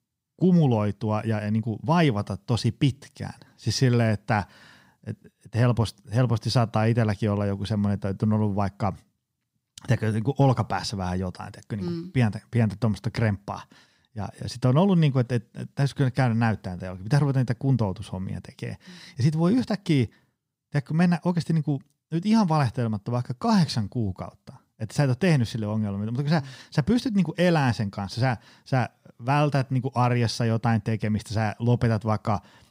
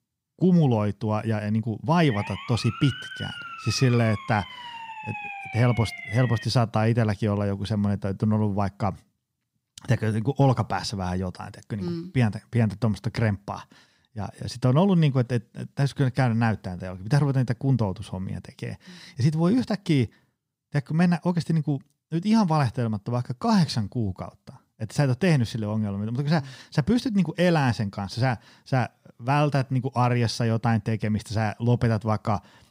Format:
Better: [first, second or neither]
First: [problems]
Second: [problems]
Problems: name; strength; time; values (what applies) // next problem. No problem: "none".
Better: first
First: none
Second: siren; noticeable; from 2 to 6.5 s; peak 9 dB below the speech